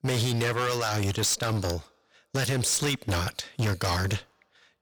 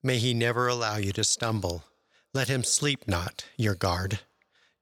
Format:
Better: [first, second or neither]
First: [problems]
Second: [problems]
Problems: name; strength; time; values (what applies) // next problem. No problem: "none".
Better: second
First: distortion; heavy; 18% of the sound clipped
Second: none